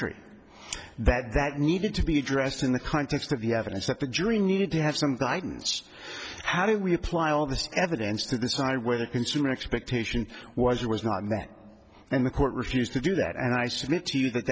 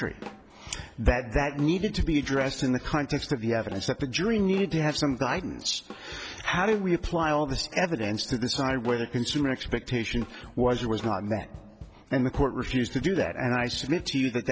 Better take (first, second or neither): first